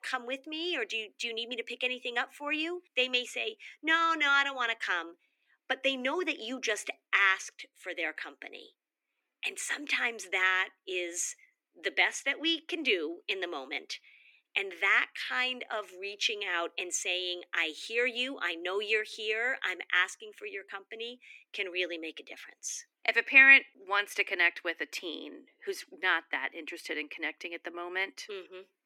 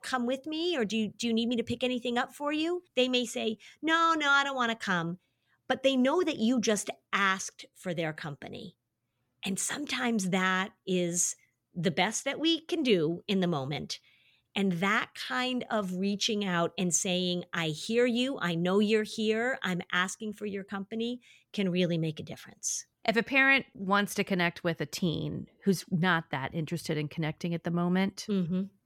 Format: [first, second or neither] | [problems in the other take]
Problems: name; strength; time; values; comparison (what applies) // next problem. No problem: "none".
second | thin; very; fading below 250 Hz